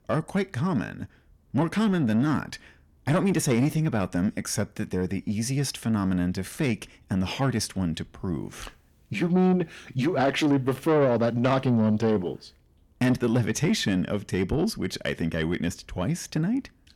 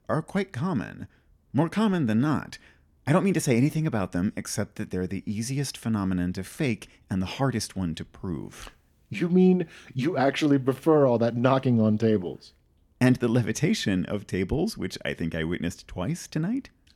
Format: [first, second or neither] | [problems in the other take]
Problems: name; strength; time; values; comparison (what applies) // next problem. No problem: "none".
second | distortion; slight; 10 dB below the speech